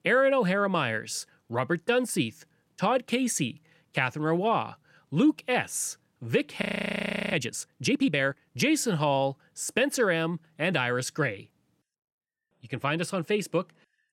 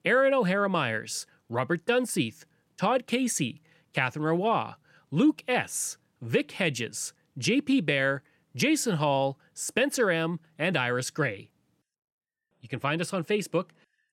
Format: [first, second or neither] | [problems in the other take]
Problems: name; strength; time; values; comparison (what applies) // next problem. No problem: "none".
second | audio freezing; at 6.5 s for 0.5 s